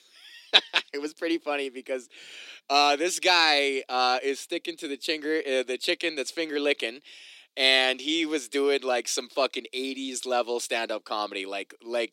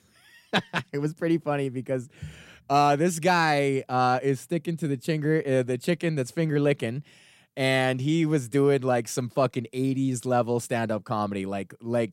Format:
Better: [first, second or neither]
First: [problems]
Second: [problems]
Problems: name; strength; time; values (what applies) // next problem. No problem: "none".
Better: second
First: thin; somewhat; fading below 300 Hz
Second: none